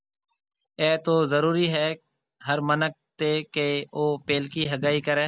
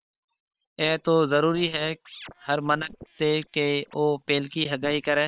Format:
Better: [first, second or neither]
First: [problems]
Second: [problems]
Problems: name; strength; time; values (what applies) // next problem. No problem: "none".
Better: first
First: none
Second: noise reduction (neural separator model SepFormer WHAM!)